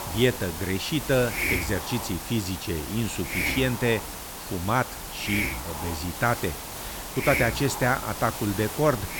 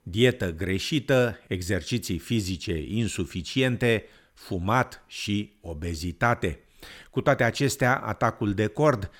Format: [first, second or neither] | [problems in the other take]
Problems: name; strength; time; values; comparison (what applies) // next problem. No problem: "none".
second | hiss; loud; throughout; 4 dB below the speech